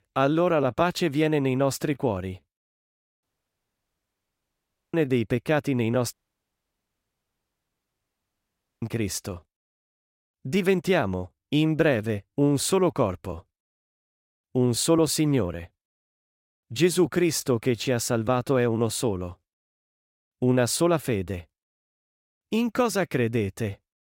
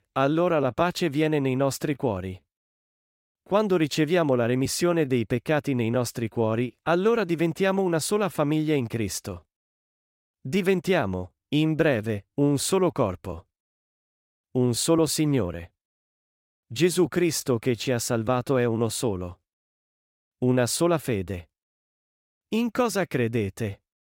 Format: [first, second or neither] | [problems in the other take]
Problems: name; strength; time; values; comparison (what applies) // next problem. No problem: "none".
second | audio cutting out; at 3 s for 1.5 s and at 6 s for 2.5 s